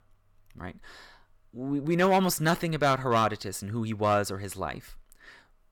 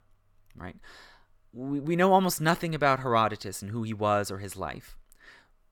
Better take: second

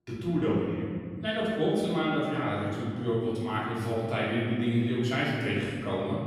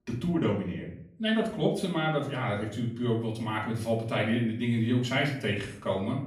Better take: second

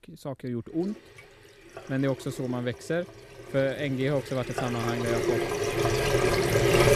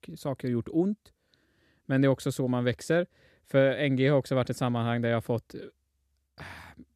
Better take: second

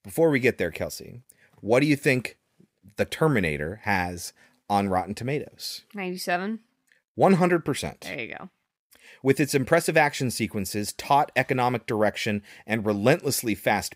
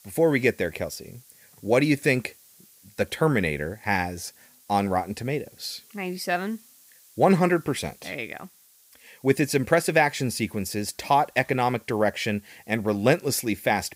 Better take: first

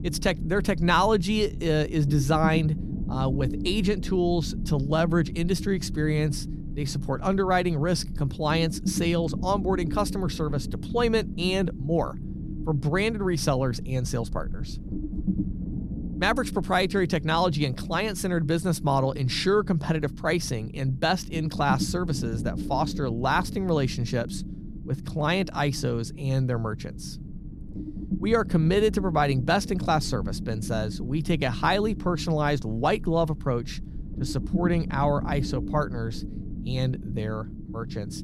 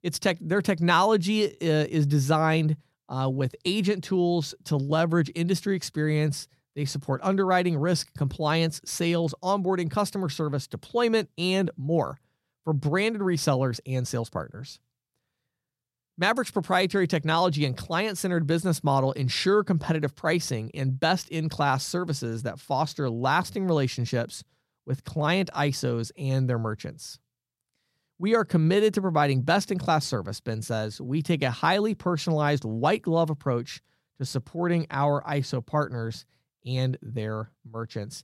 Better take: second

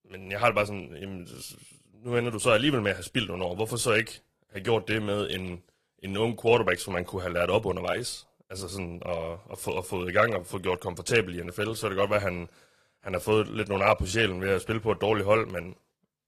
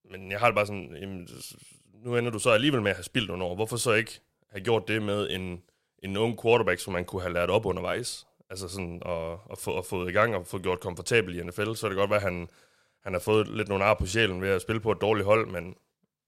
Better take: second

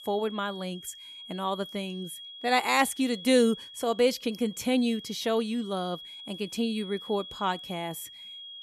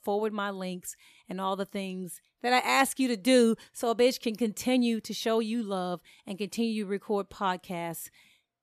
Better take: second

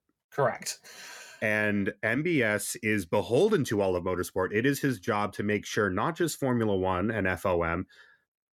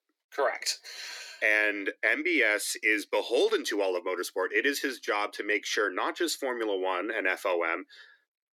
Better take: first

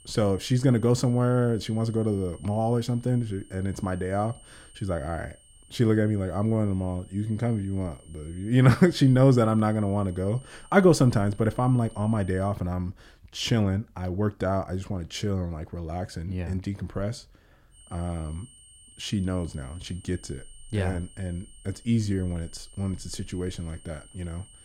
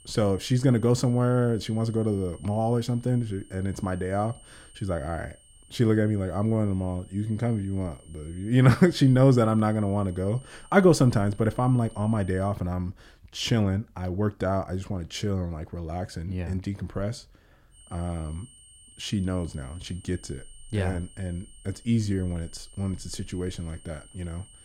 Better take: neither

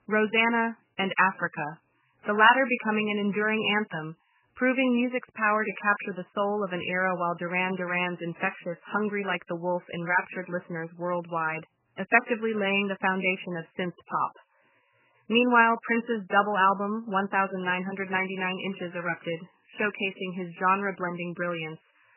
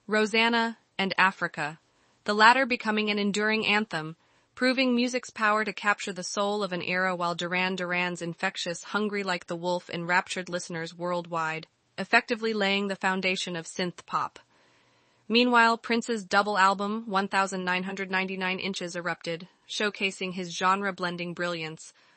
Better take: second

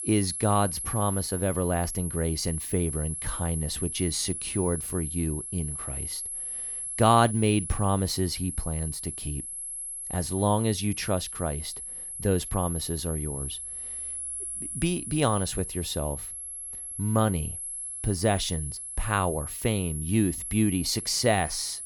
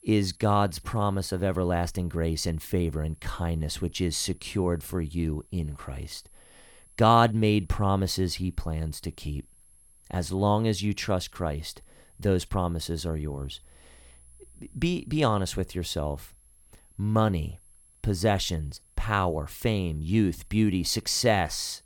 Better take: second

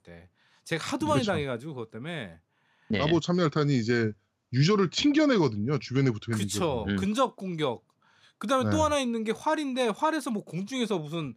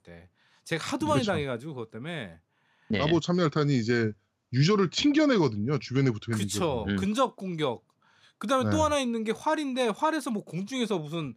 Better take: neither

